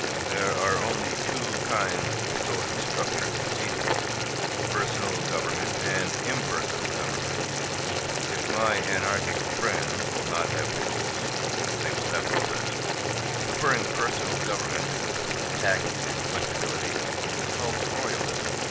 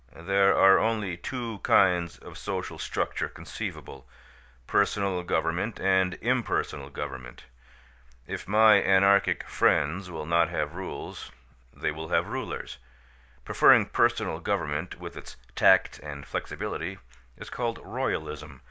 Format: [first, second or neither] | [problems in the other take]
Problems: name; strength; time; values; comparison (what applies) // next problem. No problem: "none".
second | background sound (Boiling); 5 dB above the speech